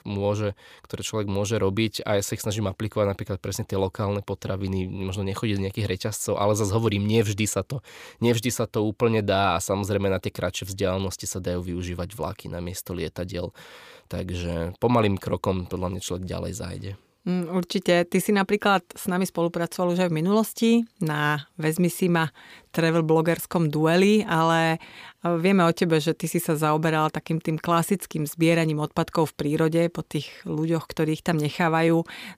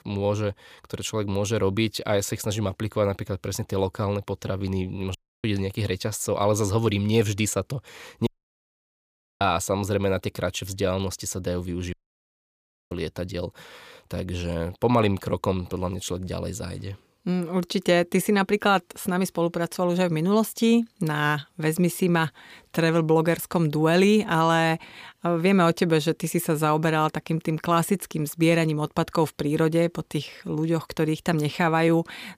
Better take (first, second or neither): first